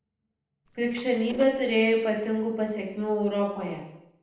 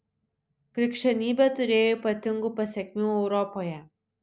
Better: second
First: noise reduction (neural separator model SepFormer DNS4)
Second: none

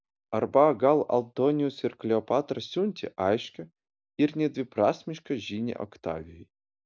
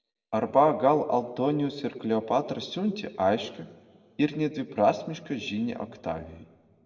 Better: first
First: none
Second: room echo; dies away in 1.1 s

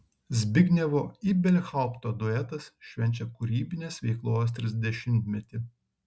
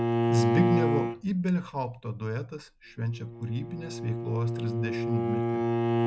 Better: first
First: none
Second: background sound (Bowed string instrument); 2 dB above the speech

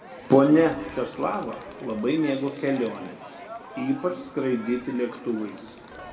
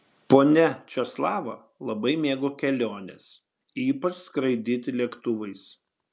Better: second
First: background sound (Crowd); 16 dB below the speech // room echo; dies away in 1.9 s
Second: none

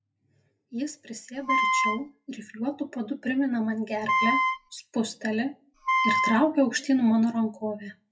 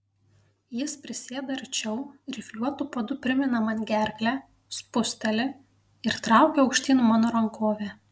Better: second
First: noise reduction (classical method WPE with log-MMSE)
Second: none

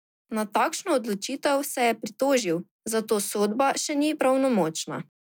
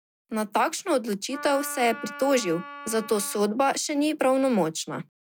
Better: first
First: none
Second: background sound (Wind instrument, woodwind instrument); 14 dB below the speech

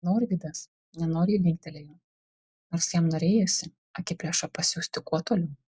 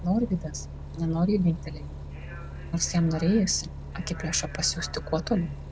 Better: first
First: none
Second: background sound (Bus); 10 dB below the speech

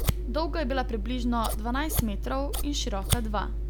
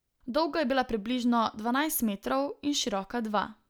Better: second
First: background sound (Scissors); 2 dB above the speech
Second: none

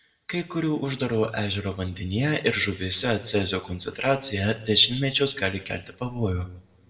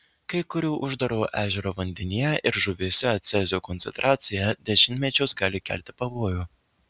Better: second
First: room echo; dies away in 0.8 s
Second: none

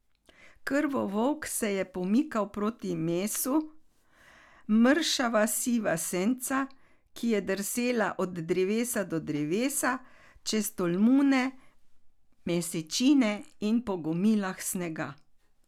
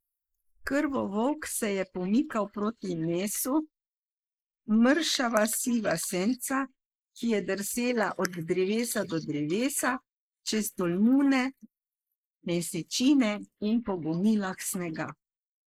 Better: first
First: none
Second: noise reduction (neural mask model Resemble Enhance denoiser)

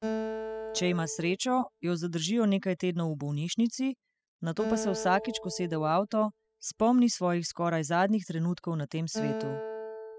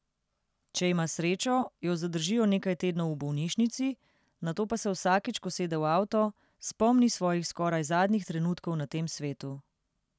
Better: second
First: noise reduction (classical method spectral subtraction)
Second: none

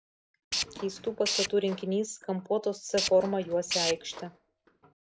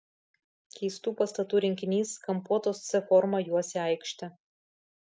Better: second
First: background sound (Tools); 5 dB below the speech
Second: none

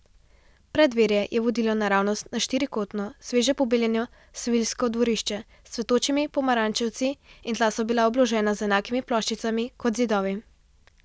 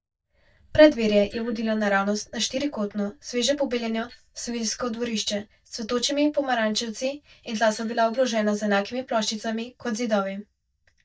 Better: first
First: none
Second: noise reduction (neural mask model DeepFilterNet 3)

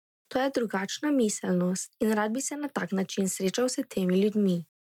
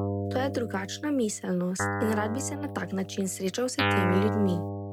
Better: first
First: none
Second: background sound (Guitar); 2 dB below the speech

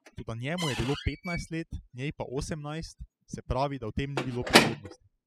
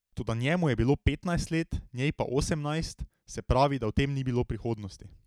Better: second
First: noise reduction (classical method spectral subtraction)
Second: none

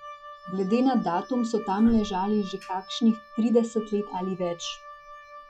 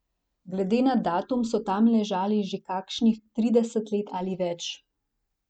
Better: second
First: noise reduction (classical method log-MMSE)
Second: none

